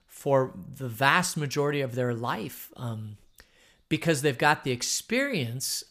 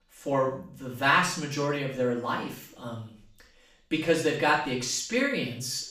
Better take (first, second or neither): first